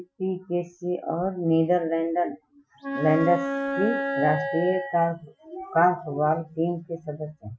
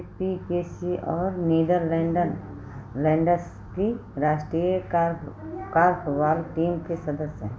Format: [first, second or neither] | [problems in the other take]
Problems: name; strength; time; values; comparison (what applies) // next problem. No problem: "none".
second | noise reduction (classical method Wiener filter)